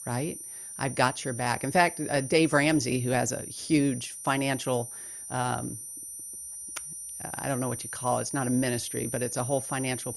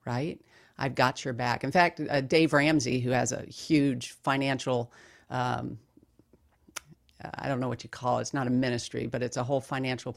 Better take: second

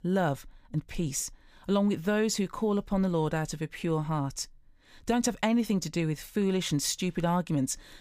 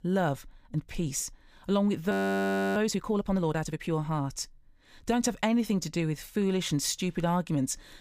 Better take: first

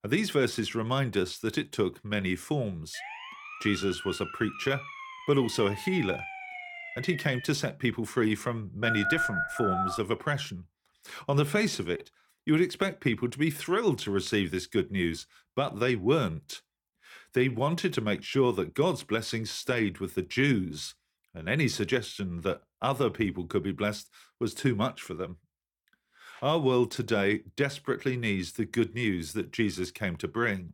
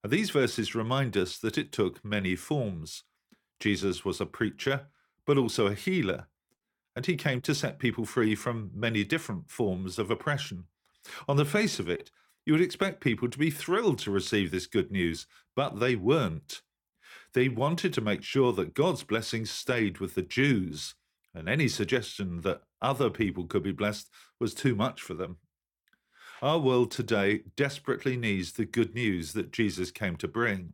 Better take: second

